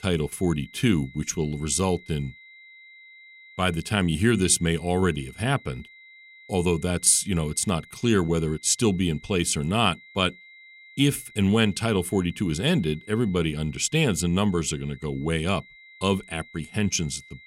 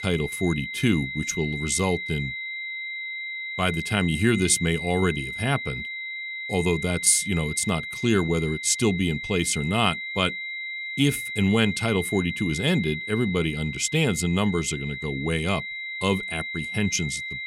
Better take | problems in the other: first | high-pitched whine; loud; throughout; 2 kHz, 6 dB below the speech; faint in the first

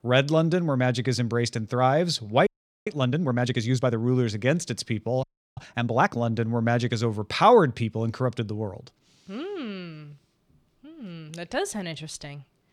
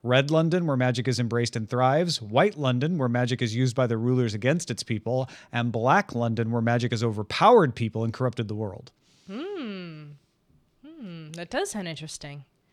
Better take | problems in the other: second | audio freezing; at 2.5 s and at 5 s

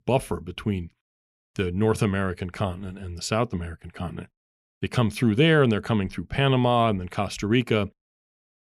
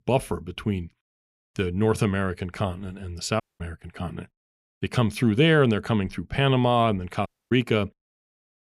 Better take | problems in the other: first | audio cutting out; at 3.5 s and at 7.5 s

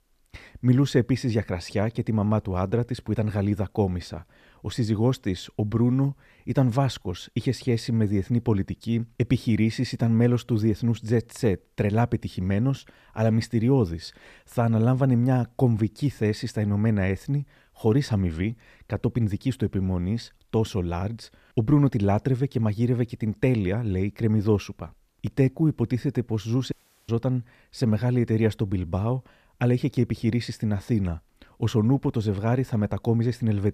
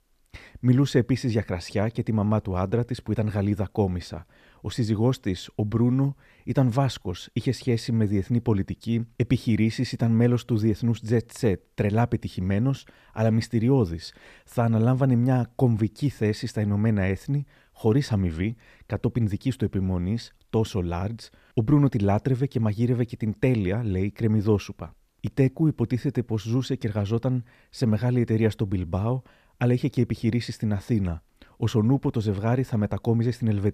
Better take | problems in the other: second | audio cutting out; at 27 s

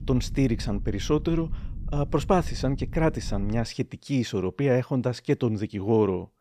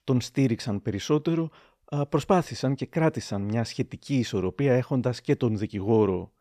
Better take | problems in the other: second | low rumble; faint; until 3.5 s; 20 dB below the speech

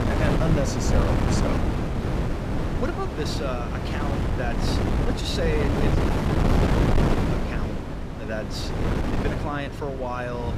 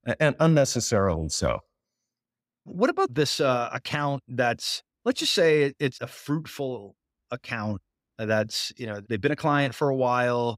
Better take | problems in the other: second | wind noise on the microphone; heavy; 2 dB above the speech

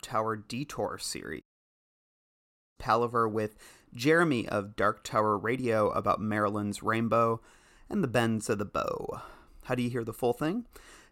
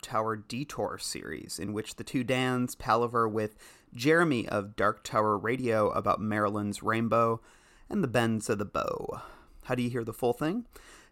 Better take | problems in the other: second | audio cutting out; at 1.5 s for 1.5 s

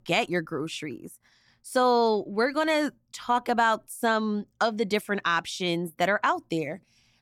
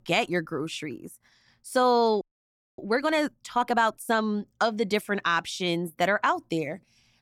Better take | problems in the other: first | audio freezing; at 2 s for 0.5 s

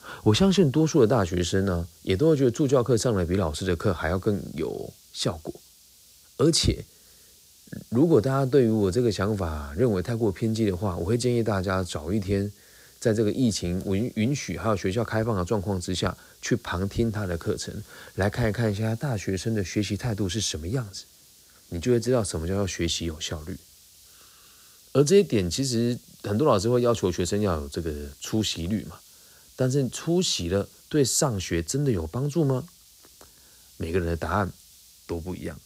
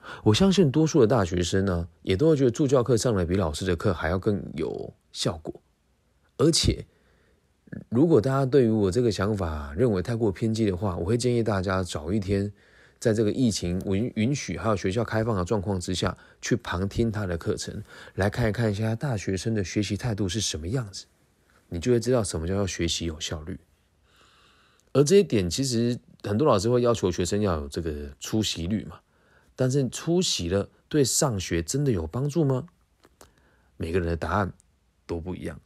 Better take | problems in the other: second | hiss; faint; throughout; 25 dB below the speech

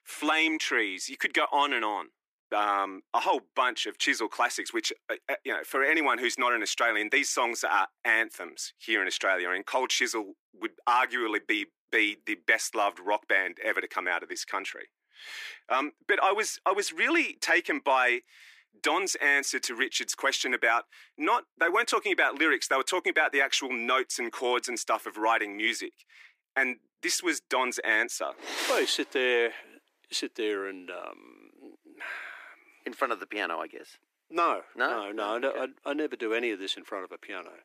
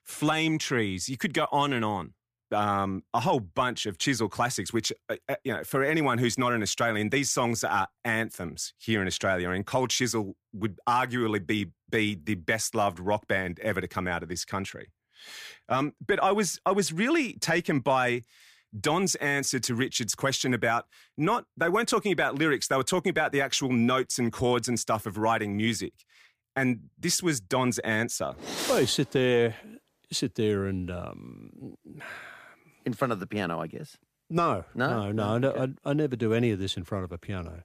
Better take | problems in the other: second | thin; very; fading below 300 Hz

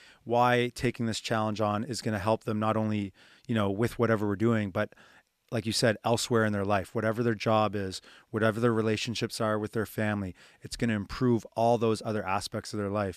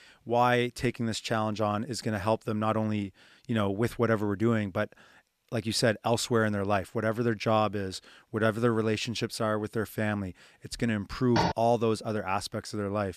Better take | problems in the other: first | door banging; noticeable; at 11 s; peak level with the speech

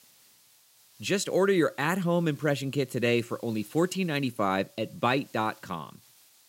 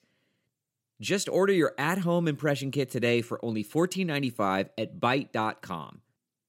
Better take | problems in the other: second | hiss; faint; throughout; 25 dB below the speech

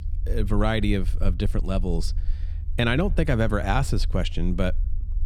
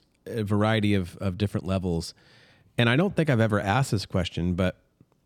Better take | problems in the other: second | low rumble; faint; throughout; 25 dB below the speech

